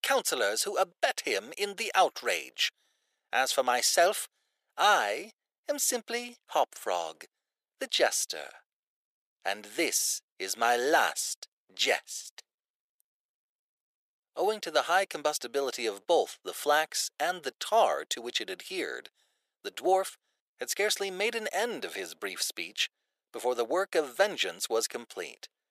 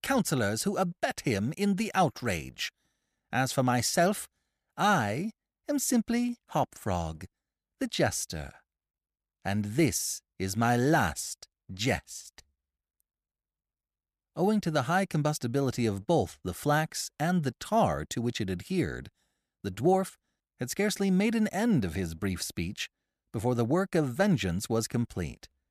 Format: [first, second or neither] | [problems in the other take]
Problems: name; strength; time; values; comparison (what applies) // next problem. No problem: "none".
second | thin; very; fading below 450 Hz